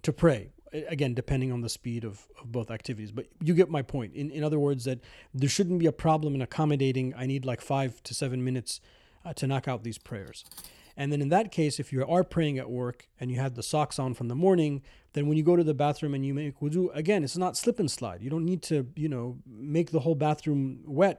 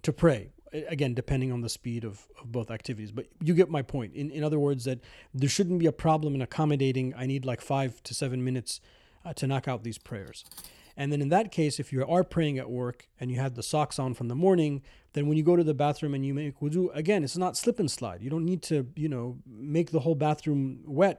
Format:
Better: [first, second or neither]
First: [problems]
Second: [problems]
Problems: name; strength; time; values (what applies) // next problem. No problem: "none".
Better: neither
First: clattering dishes; faint; at 10 s; peak 15 dB below the speech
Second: clattering dishes; faint; at 10 s; peak 15 dB below the speech